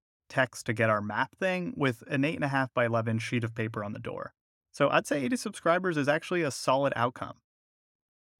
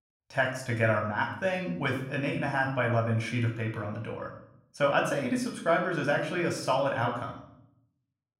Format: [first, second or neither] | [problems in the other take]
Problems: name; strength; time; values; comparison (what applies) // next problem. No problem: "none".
first | room echo; slight; dies away in 0.6 s // off-mic speech; somewhat distant